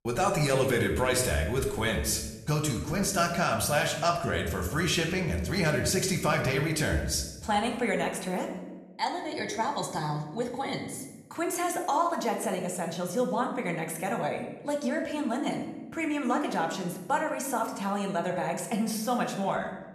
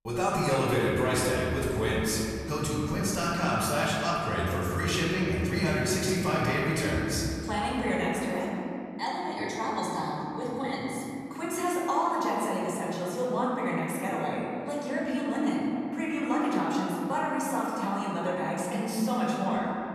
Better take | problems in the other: first | room echo; strong; dies away in 2.8 s; slight in the first // off-mic speech; far

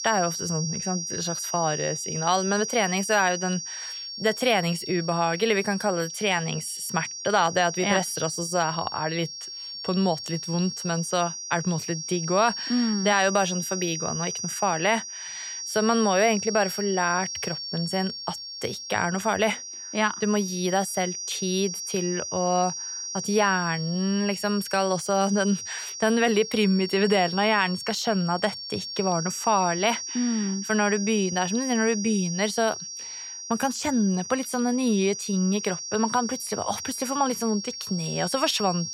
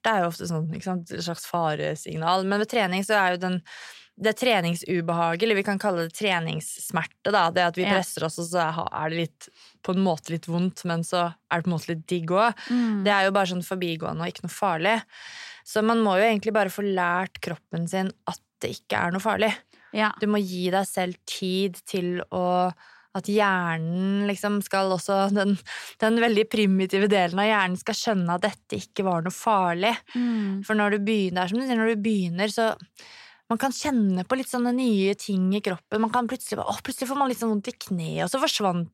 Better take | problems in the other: second | high-pitched whine; loud; throughout; 5.5 kHz, 6 dB below the speech

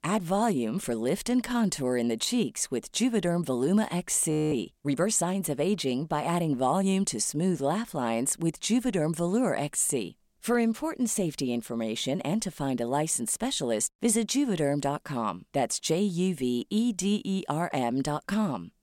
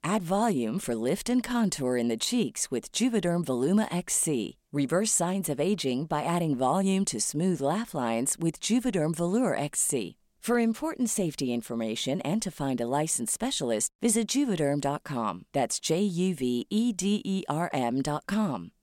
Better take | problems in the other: second | audio freezing; at 4.5 s

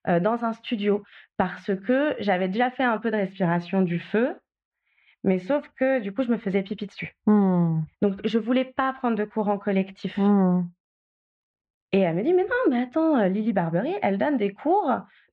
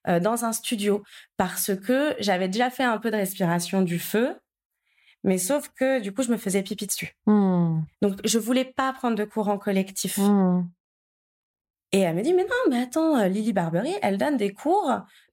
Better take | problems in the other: second | muffled; very; fading above 3 kHz

